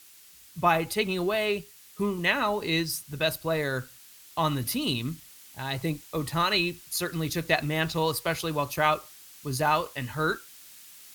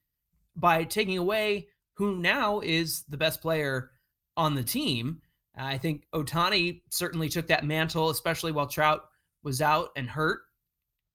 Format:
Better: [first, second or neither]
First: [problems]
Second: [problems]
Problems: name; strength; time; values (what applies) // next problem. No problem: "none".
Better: second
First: hiss; noticeable; throughout; 20 dB below the speech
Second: none